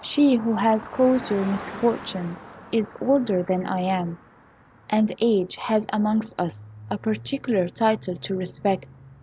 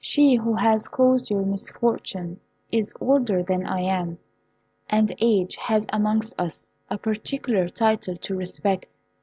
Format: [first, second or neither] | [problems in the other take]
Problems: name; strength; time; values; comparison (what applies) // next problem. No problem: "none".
second | background sound (Car passing by); 18 dB below the speech